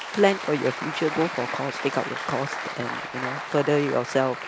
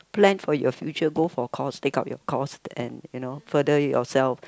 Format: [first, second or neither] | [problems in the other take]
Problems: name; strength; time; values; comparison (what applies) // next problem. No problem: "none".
second | background sound (Applause); 7 dB below the speech